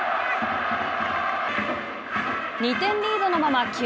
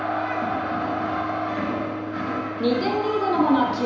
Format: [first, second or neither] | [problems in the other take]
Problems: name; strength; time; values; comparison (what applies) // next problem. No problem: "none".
first | background sound (Bowed string instrument); 9 dB below the speech // room echo; dies away in 1 s